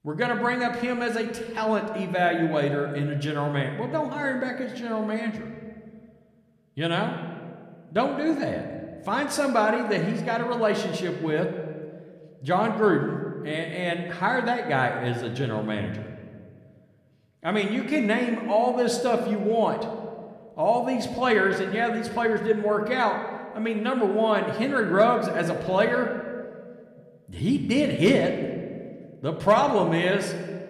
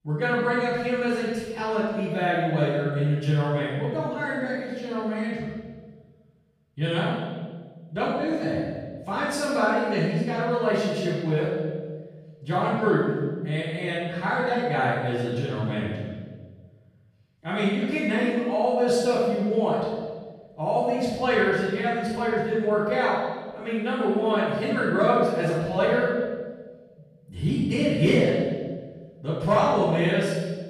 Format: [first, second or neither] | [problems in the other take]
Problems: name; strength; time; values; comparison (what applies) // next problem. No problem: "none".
first | room echo; strong; dies away in 1.5 s; slight in the first // off-mic speech; far